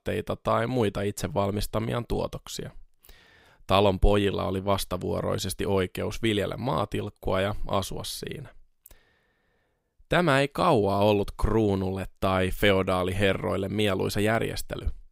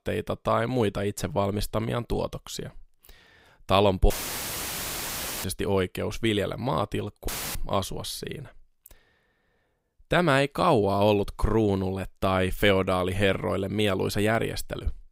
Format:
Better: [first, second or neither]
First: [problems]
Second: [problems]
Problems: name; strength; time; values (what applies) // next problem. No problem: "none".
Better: first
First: none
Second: audio cutting out; filled with static; at 4 s for 1.5 s and at 7.5 s